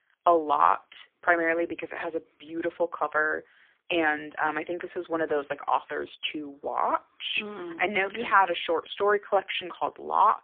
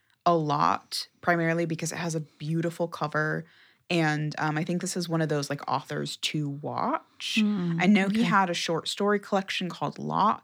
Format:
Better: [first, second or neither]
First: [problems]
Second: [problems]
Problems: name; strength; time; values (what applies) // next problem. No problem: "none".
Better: second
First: phone-call audio; poor line; nothing above 3.5 kHz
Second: none